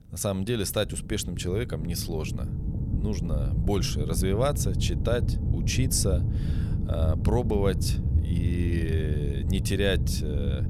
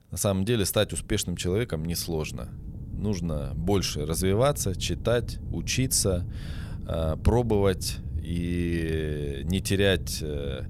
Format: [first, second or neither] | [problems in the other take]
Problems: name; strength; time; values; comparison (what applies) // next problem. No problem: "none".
second | low rumble; loud; throughout; 10 dB below the speech; faint in the second